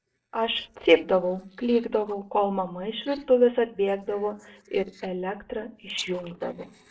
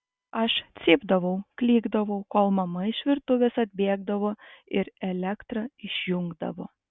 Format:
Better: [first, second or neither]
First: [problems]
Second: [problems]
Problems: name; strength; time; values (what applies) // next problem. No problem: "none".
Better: second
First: noise reduction (neural separator model SepFormer DNS4)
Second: none